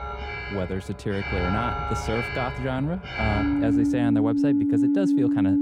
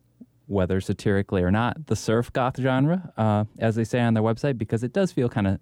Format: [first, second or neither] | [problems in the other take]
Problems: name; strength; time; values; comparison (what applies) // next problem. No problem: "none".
second | alarms or sirens; very loud; throughout; 5 dB above the speech